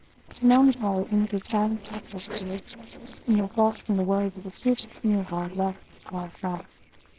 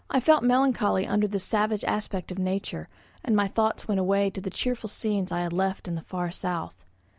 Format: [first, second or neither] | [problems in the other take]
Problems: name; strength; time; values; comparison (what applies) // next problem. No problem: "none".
second | noise reduction (neural separator model SepFormer WHAMR!)